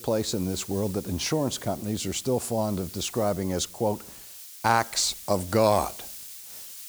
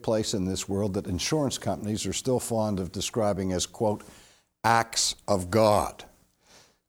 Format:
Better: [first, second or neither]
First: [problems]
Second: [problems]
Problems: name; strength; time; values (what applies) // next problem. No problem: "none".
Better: second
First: hiss; noticeable; throughout; 15 dB below the speech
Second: none